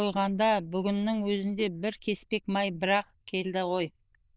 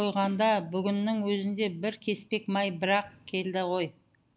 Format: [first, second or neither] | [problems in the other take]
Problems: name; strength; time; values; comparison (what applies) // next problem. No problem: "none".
second | noise reduction (neural diffusion model UNIVERSE++)